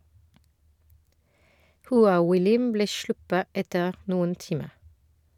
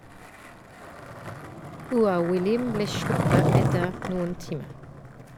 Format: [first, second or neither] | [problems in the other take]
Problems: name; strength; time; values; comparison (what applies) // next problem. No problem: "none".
first | background sound (Skateboard); 1 dB above the speech